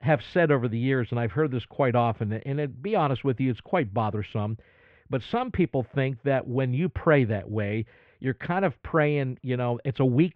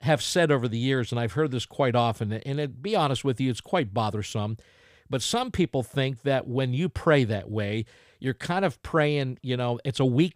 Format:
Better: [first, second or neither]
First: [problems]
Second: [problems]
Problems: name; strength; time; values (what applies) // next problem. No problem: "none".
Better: second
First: muffled; very; fading above 2.5 kHz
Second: none